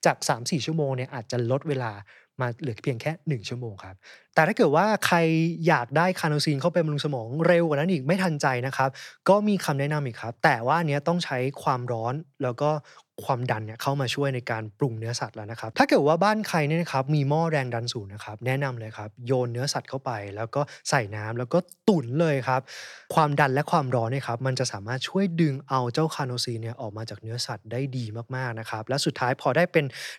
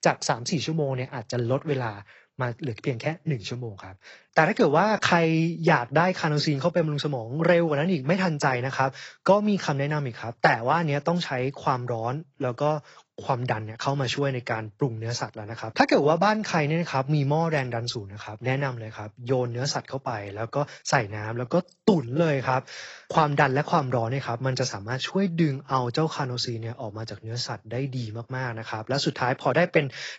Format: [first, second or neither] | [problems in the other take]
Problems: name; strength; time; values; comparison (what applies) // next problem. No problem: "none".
first | garbled, watery; badly; nothing above 7.5 kHz